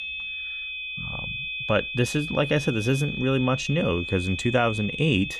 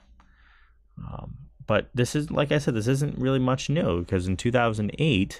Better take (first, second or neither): second